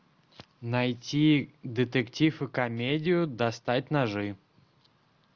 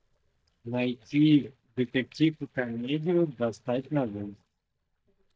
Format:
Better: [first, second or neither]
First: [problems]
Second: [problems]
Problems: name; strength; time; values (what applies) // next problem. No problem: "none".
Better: first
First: none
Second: noise reduction (neural mask model DeepFilterNet 3)